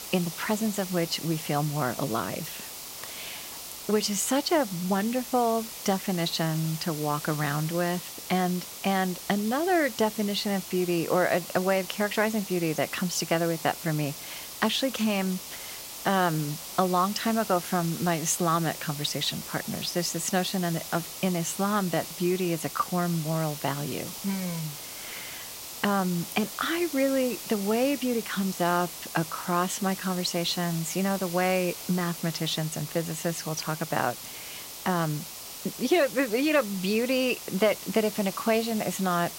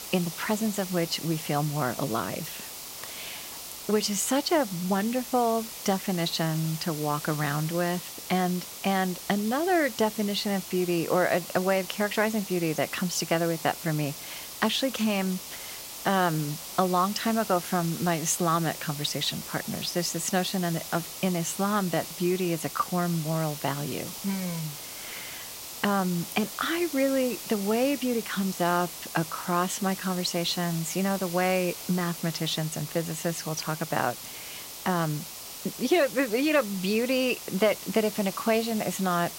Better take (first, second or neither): neither